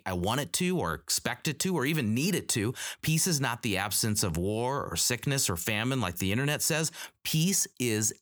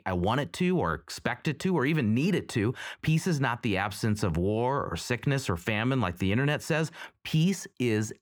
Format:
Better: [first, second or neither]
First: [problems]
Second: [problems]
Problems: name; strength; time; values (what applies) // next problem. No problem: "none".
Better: first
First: none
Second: muffled; slightly; fading above 4 kHz